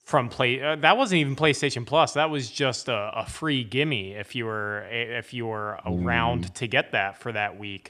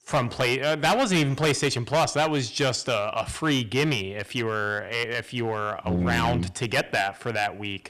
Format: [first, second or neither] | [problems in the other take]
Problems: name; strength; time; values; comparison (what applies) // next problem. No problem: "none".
first | distortion; heavy; 9% of the sound clipped